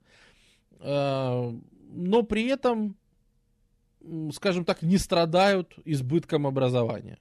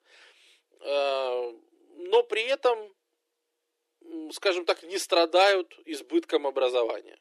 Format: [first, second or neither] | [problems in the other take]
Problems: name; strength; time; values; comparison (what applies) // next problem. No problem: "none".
first | thin; very; fading below 350 Hz